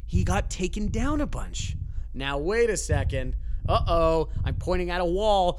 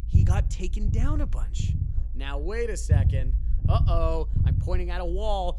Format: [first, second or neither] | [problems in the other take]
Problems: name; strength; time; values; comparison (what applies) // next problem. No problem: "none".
first | low rumble; loud; throughout; 8 dB below the speech; faint in the first